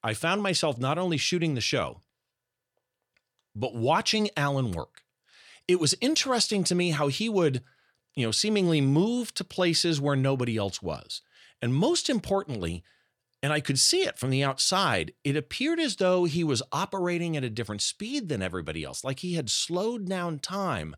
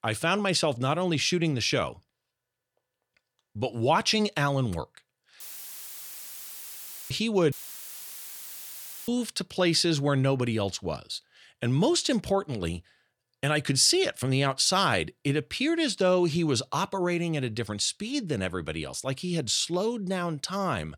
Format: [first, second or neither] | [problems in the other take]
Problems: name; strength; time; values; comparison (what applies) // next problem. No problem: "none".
first | audio cutting out; filled with static; at 5.5 s for 1.5 s and at 7.5 s for 1.5 s